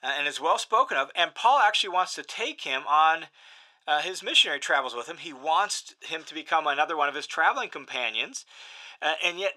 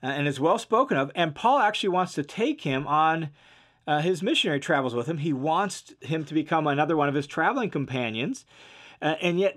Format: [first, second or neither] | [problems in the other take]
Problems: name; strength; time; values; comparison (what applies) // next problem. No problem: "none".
second | thin; very; fading below 900 Hz